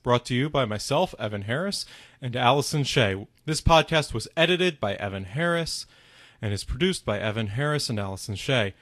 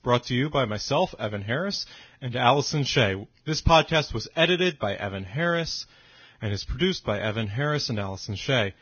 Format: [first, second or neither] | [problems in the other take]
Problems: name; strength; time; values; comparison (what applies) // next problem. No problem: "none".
first | garbled, watery; badly; nothing above 6.5 kHz; slightly in the first